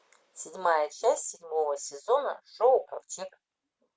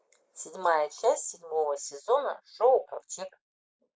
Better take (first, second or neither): first